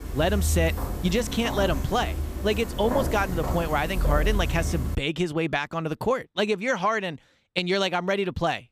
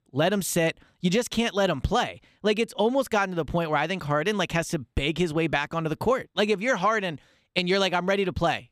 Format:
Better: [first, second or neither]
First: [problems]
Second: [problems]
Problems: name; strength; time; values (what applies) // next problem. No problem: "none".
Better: second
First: footsteps; loud; until 5 s; peak level with the speech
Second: none